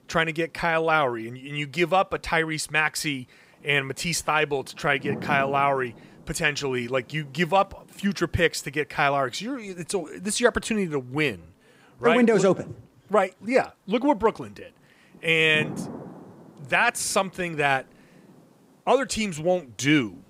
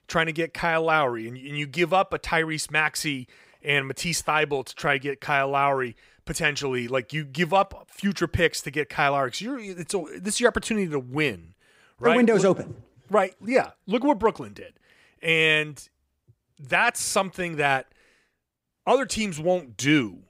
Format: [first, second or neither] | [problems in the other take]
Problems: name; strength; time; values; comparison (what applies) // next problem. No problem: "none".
second | rain or running water; noticeable; throughout; 15 dB below the speech